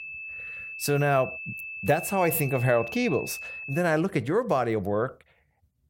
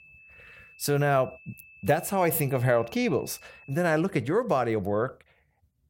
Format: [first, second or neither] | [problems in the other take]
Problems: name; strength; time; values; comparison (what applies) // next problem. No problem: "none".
second | high-pitched whine; loud; until 4 s; 2.5 kHz, 9 dB below the speech; faint in the second